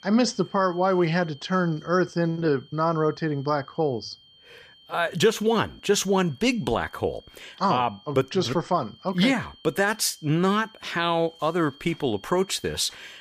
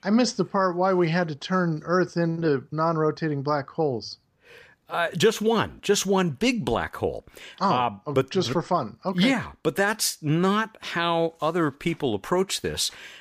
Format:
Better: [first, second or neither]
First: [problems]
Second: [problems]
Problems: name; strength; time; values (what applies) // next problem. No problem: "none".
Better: second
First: high-pitched whine; faint; throughout; 3 kHz, 25 dB below the speech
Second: none